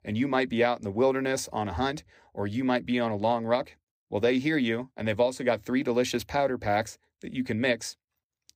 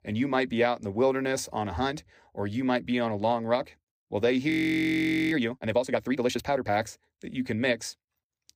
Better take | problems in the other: first | audio freezing; at 4.5 s for 1 s

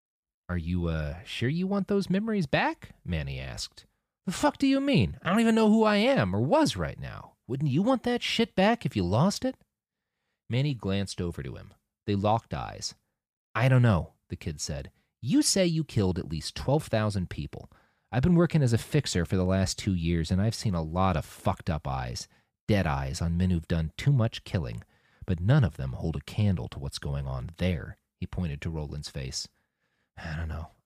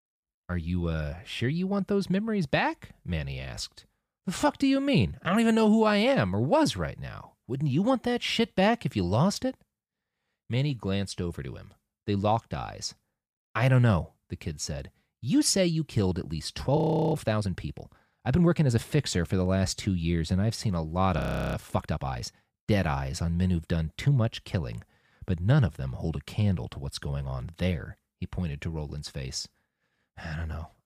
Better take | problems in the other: first | audio freezing; at 17 s and at 21 s

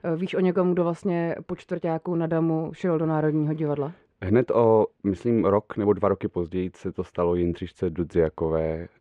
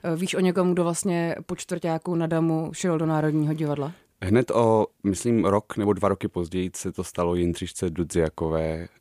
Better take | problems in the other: second | muffled; very; fading above 2.5 kHz

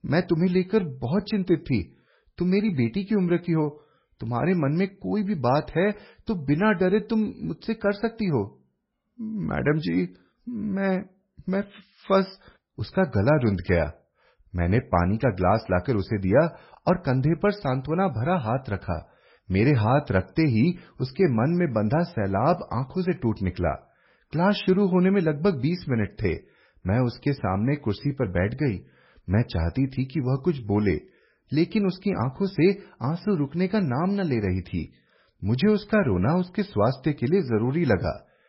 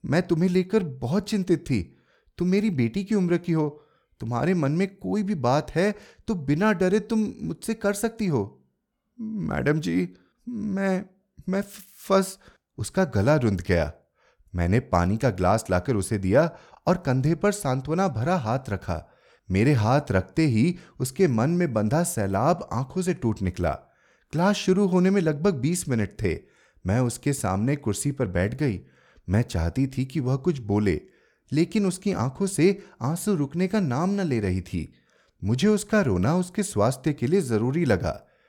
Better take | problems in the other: second | garbled, watery; badly; nothing above 5.5 kHz

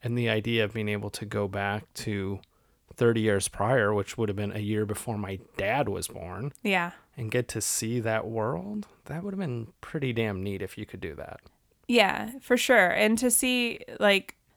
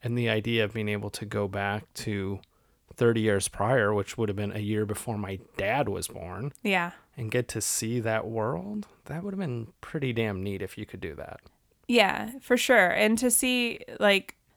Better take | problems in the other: neither | none

